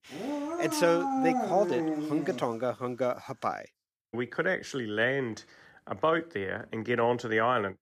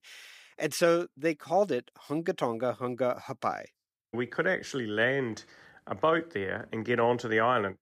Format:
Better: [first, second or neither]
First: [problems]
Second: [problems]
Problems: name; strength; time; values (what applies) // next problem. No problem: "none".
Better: second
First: dog barking; loud; until 2.5 s; peak 1 dB above the speech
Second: none